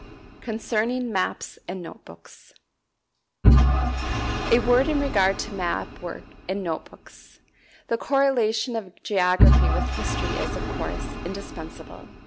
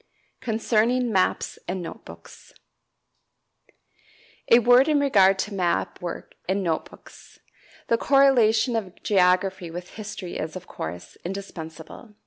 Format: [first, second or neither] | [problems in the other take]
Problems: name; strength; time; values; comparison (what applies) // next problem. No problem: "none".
second | background sound (Engine / Vehicle); 2 dB above the speech